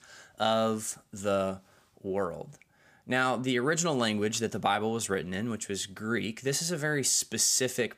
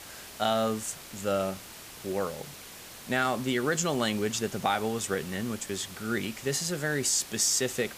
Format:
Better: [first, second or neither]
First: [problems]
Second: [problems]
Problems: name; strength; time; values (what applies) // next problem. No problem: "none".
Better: first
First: none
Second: hiss; noticeable; throughout; 15 dB below the speech